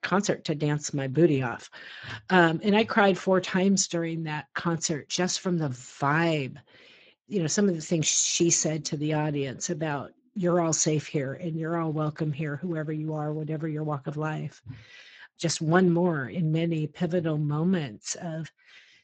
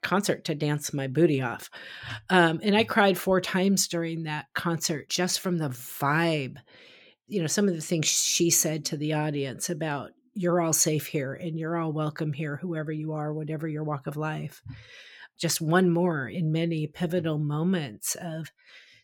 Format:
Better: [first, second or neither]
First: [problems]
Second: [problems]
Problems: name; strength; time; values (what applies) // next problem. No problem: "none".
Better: second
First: garbled, watery; badly; nothing above 7.5 kHz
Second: none